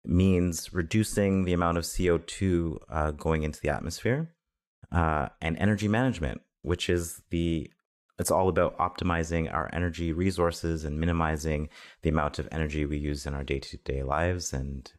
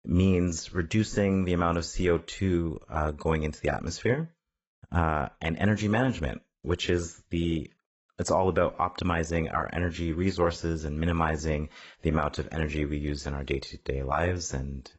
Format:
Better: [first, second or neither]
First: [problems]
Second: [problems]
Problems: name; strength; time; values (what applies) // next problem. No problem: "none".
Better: first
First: none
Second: garbled, watery; badly; nothing above 8 kHz